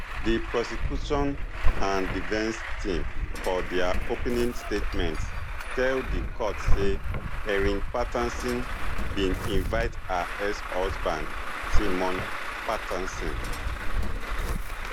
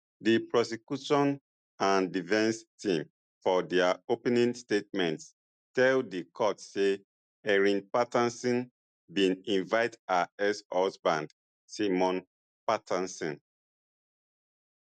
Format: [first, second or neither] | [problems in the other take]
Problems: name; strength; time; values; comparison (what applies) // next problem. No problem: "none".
second | background sound (Truck + Drawer open or close); 5 dB above the speech